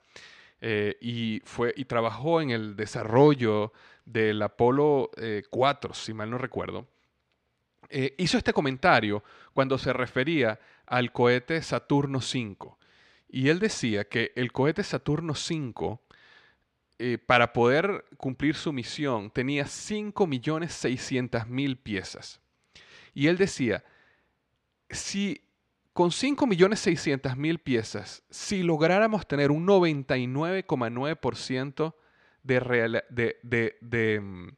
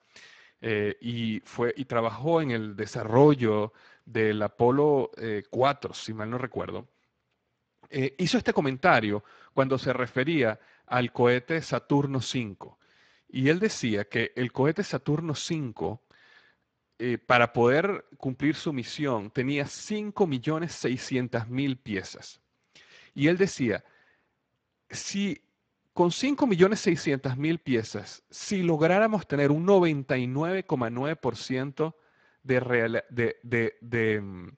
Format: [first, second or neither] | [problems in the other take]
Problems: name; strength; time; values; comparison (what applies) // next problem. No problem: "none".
first | garbled, watery; badly; nothing above 7.5 kHz